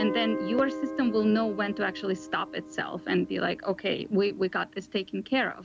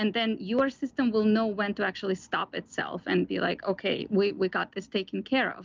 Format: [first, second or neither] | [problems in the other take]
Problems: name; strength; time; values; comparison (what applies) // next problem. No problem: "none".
second | background sound (Guitar); 10 dB below the speech